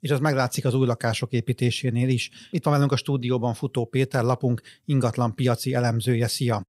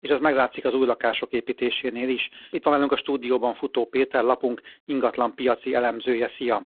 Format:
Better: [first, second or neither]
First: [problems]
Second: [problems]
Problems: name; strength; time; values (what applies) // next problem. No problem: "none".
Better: first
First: none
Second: phone-call audio; poor line